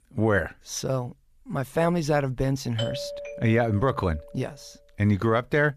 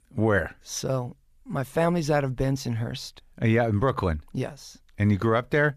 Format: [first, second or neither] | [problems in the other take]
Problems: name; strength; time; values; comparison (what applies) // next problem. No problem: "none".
second | doorbell; noticeable; from 3 to 4.5 s; peak 6 dB below the speech